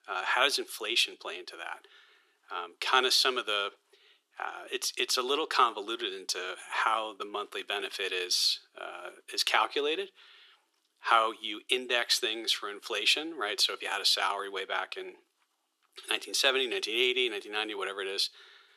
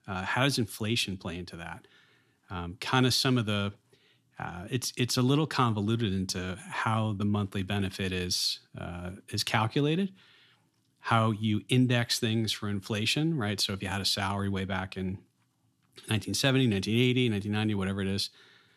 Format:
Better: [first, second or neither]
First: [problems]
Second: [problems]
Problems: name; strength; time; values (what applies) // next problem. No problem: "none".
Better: second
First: thin; very; fading below 400 Hz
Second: none